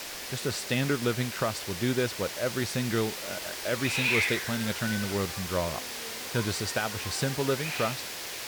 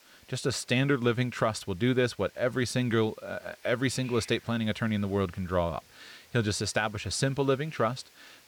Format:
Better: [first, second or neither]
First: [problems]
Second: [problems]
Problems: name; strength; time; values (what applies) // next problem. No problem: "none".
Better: second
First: hiss; loud; throughout; 2 dB below the speech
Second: hiss; faint; throughout; 25 dB below the speech